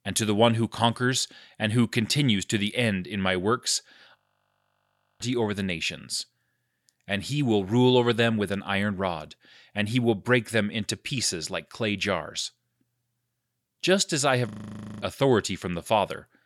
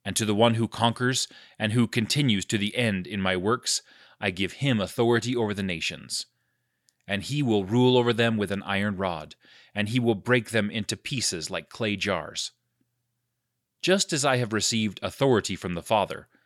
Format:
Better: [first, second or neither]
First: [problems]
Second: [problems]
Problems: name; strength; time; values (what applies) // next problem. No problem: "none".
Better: second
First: audio freezing; at 4 s for 1 s and at 14 s for 0.5 s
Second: none